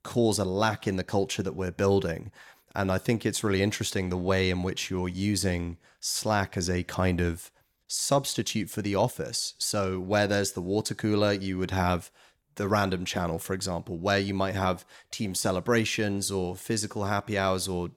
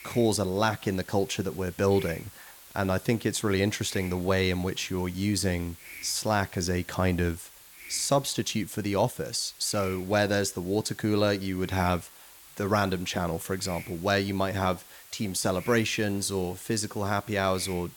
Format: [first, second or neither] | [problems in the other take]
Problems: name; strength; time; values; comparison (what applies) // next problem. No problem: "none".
first | hiss; noticeable; throughout; 20 dB below the speech